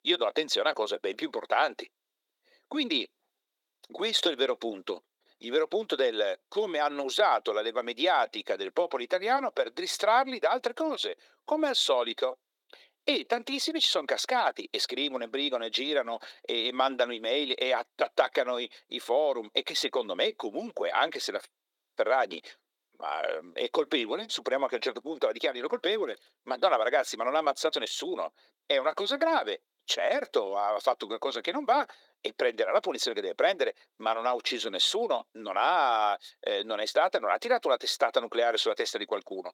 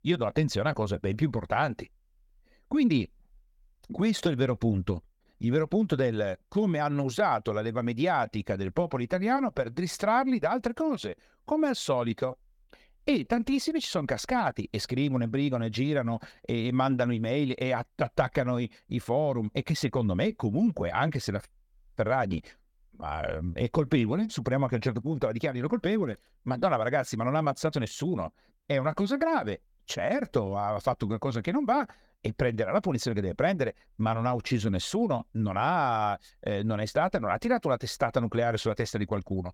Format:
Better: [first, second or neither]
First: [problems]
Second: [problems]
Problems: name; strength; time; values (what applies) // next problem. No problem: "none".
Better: second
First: thin; very; fading below 350 Hz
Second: none